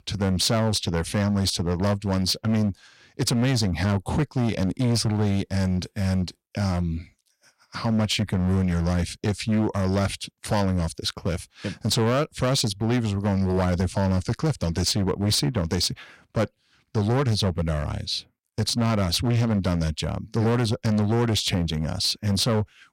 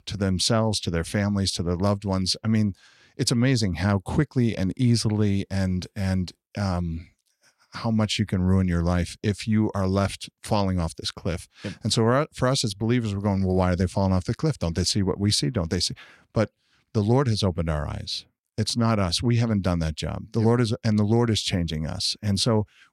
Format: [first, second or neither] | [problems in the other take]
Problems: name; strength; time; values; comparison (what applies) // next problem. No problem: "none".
second | distortion; slight; 13% of the sound clipped